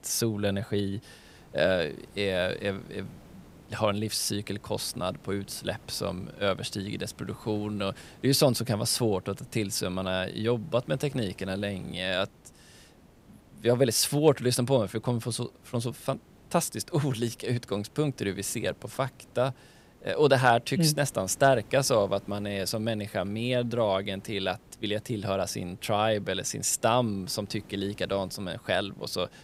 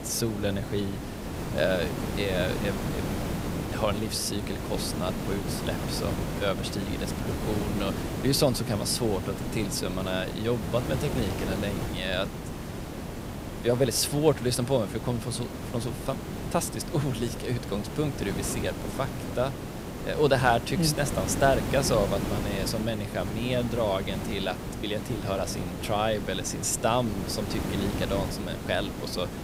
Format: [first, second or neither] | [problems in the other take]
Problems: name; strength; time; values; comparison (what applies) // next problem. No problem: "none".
first | hiss; loud; throughout; 4 dB below the speech; faint in the first